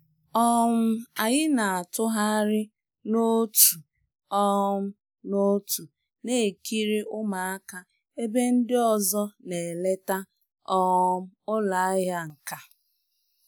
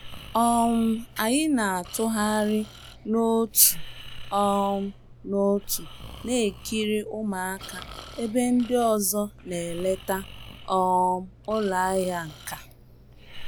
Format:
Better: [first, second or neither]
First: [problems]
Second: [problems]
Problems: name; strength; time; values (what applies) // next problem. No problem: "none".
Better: first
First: none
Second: background sound (Breathing); 16 dB below the speech